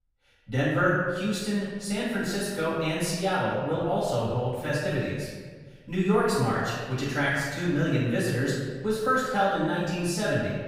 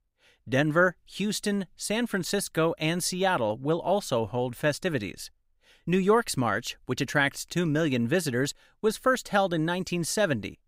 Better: second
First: off-mic speech; far // room echo; strong; dies away in 1.4 s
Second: none

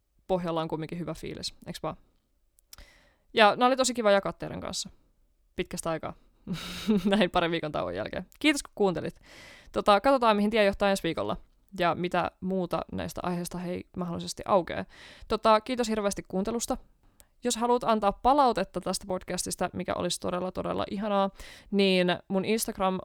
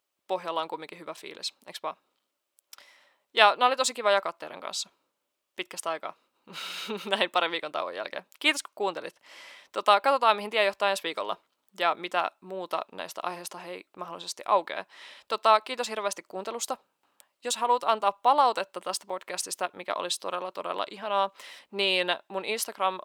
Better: first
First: none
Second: thin; very; fading below 500 Hz

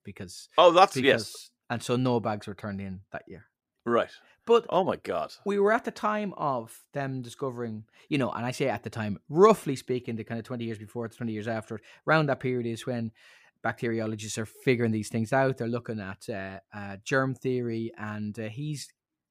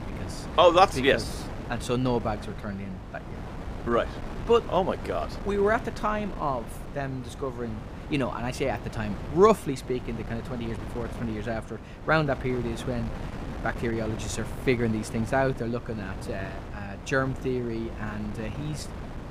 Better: first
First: none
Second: wind noise on the microphone; occasional gusts; 15 dB below the speech

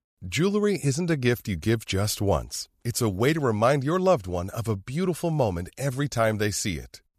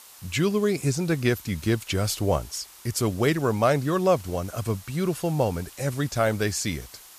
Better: first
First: none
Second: hiss; noticeable; throughout; 20 dB below the speech

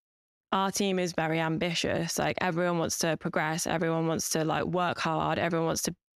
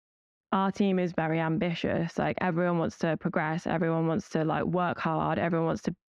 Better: first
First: none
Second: muffled; very; fading above 2 kHz

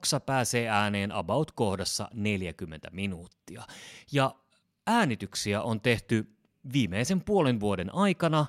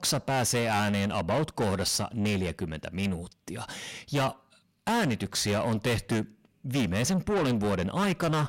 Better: first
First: none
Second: distortion; heavy; 6 dB below the speech

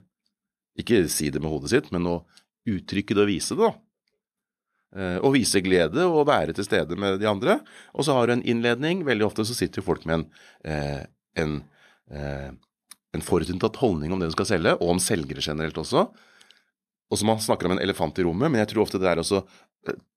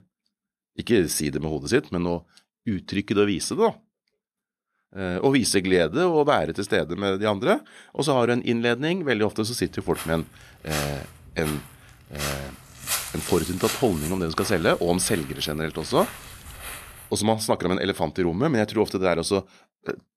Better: first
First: none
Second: footsteps; noticeable; from 10 to 17 s; peak 3 dB below the speech

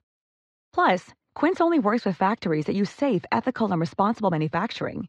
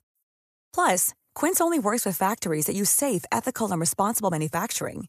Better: second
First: muffled; very; fading above 4 kHz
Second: none

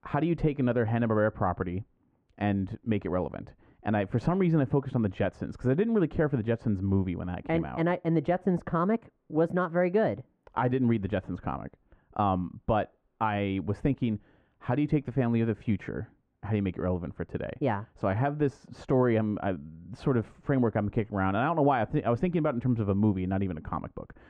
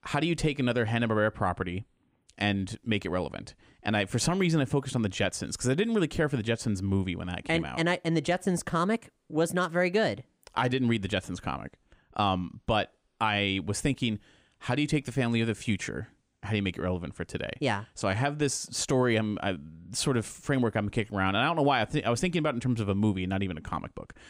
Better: second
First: muffled; very; fading above 3.5 kHz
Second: none

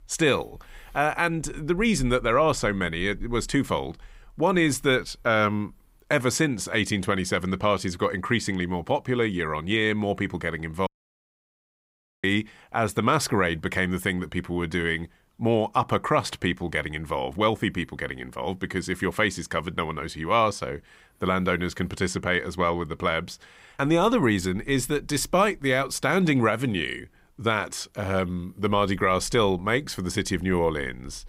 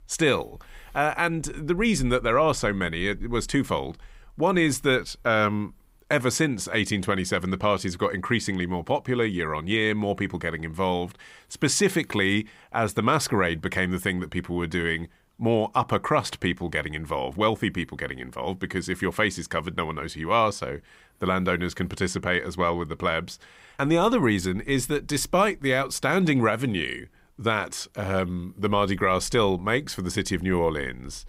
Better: second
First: audio cutting out; at 11 s for 1.5 s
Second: none

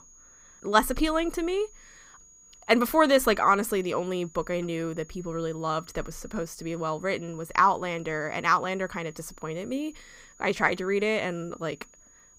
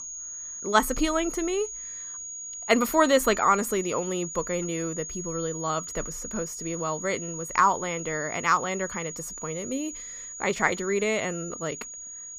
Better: first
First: high-pitched whine; faint; throughout; 6.5 kHz, 25 dB below the speech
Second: high-pitched whine; loud; throughout; 6.5 kHz, 8 dB below the speech

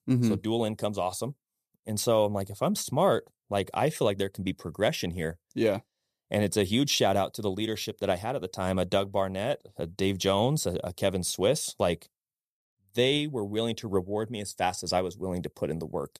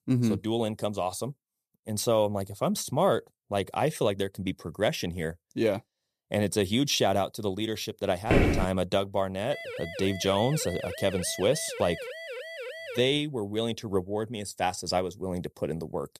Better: first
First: none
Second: footsteps; loud; at 8.5 s; peak 5 dB above the speech // siren; noticeable; from 9.5 to 13 s; peak 9 dB below the speech

